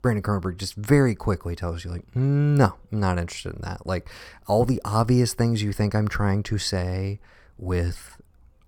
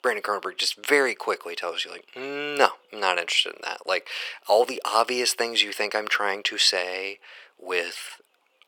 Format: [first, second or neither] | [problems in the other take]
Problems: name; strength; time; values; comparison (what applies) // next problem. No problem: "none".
first | thin; very; fading below 450 Hz